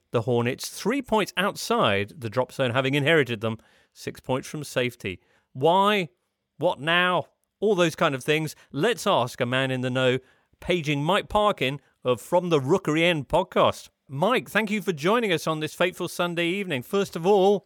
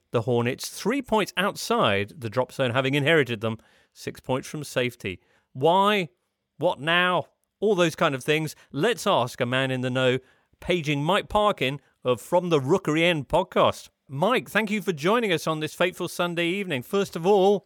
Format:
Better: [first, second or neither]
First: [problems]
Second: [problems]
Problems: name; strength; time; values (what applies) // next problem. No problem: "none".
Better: neither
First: none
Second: none